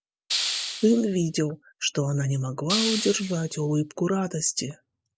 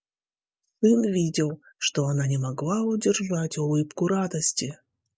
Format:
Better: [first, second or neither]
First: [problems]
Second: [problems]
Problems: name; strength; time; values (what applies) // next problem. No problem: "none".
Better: second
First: background sound (Hiss); 5 dB below the speech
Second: none